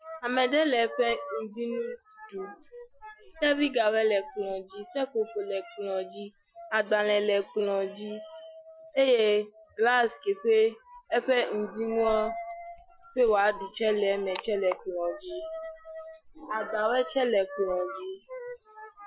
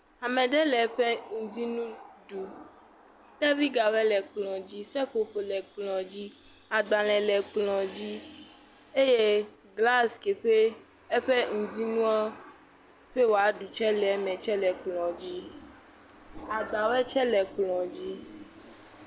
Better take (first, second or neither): second